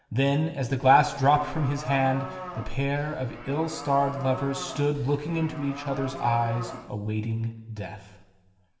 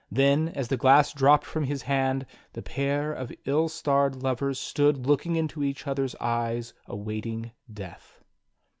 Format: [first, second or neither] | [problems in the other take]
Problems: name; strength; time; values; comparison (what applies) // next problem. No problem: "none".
second | background sound (Livestock, farm animals, working animals); 12 dB below the speech // room echo; dies away in 1.1 s